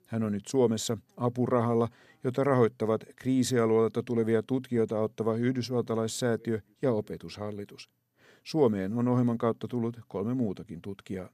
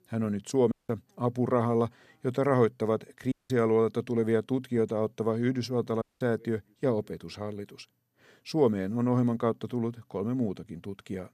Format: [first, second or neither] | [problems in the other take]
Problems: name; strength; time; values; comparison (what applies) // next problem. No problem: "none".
first | audio cutting out; at 0.5 s, at 3.5 s and at 6 s